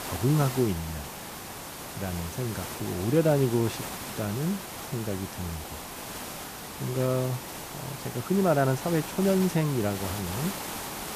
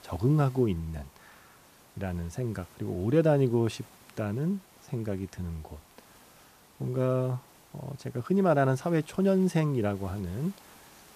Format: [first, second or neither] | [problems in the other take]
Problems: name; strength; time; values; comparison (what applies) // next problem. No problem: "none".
second | hiss; loud; throughout; 8 dB below the speech; faint in the second